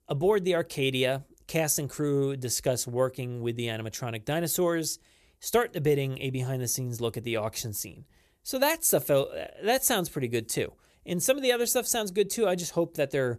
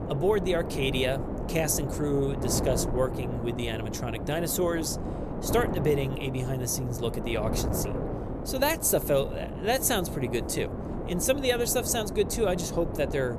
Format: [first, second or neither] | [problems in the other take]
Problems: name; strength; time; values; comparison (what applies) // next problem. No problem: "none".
first | wind noise on the microphone; heavy; 8 dB below the speech